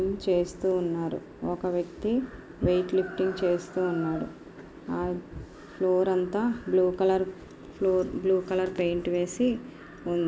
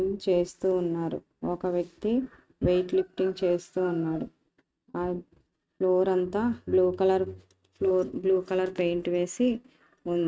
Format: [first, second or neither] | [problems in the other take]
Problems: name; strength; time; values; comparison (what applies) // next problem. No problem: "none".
first | noise reduction (neural mask model RNNoise)